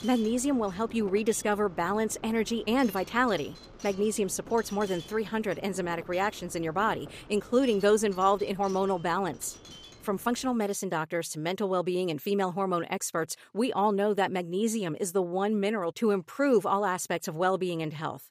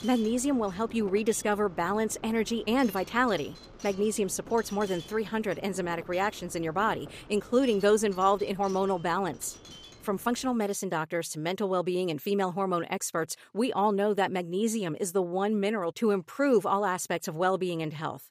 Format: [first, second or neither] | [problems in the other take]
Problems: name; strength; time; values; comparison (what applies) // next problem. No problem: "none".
neither | wind noise on the microphone; occasional gusts; until 11 s; 20 dB below the speech; the same in both